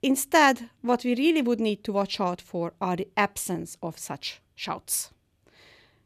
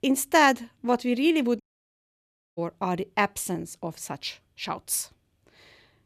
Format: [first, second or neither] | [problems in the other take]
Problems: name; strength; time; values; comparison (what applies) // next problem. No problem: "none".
first | audio cutting out; at 1.5 s for 1 s